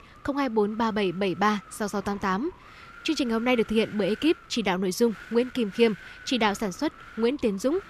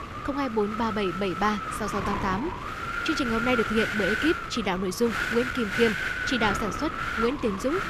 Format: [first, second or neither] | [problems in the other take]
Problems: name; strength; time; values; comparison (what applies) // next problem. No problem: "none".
first | wind noise on the microphone; heavy; 1 dB above the speech; occasional gusts in the first